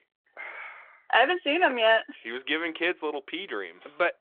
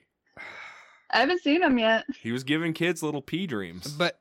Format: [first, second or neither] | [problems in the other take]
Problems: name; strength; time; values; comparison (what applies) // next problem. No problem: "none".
second | phone-call audio; nothing above 3.5 kHz